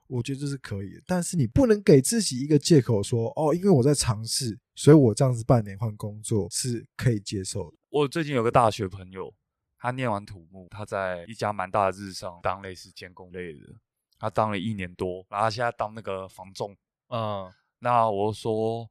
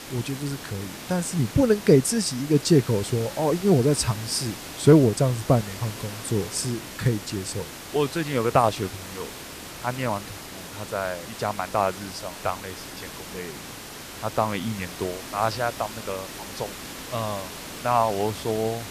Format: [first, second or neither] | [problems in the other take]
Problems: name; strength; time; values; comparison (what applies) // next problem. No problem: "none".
first | hiss; noticeable; throughout; 10 dB below the speech